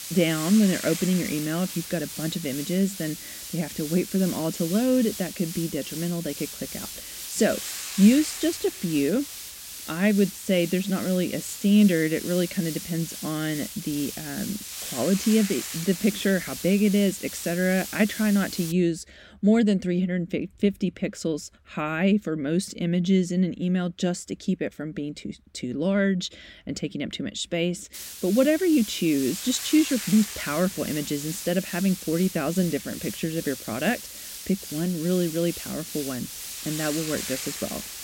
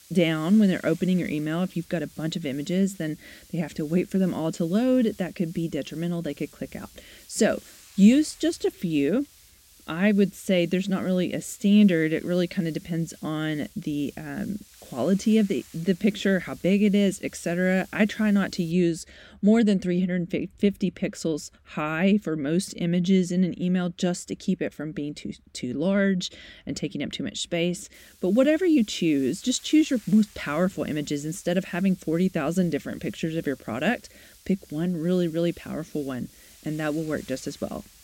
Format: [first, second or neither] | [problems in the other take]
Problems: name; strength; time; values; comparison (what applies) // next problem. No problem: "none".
second | hiss; loud; until 19 s and from 28 s on; 8 dB below the speech; faint in the second